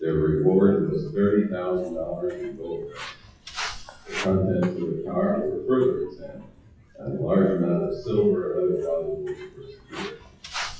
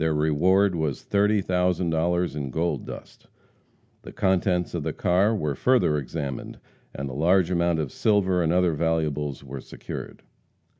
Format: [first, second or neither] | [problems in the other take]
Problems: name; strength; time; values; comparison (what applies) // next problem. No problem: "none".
second | noise reduction (classical method WPE with log-MMSE)